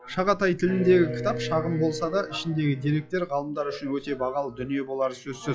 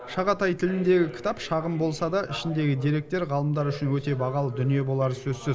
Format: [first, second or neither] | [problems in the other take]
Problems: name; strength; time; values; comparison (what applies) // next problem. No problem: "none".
second | noise reduction (classical method log-MMSE)